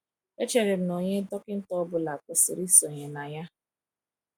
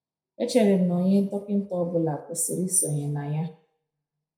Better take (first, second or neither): first